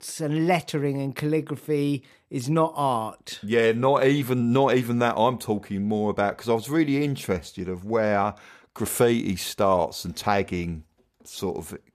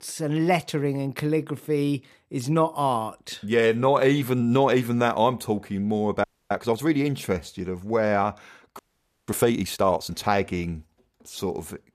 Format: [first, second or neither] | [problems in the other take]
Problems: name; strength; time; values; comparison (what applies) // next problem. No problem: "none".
first | audio freezing; at 6 s and at 9 s